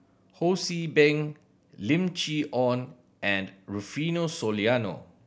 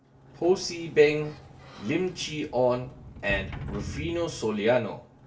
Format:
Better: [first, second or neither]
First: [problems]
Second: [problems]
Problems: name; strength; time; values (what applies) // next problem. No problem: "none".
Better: first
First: none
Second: background sound (Sliding door); 14 dB below the speech // room echo; dies away in 0.2 s